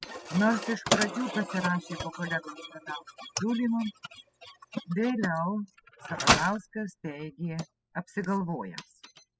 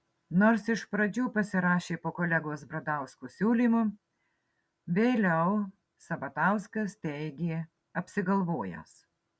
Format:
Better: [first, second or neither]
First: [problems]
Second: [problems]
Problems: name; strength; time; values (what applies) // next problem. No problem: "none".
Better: second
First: noise reduction (classical method spectral subtraction)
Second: none